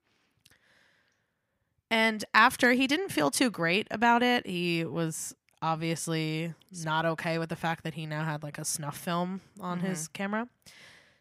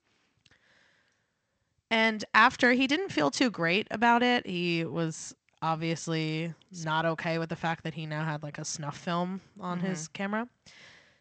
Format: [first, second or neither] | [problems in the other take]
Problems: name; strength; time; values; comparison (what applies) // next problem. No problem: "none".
first | garbled, watery; slightly; nothing above 8 kHz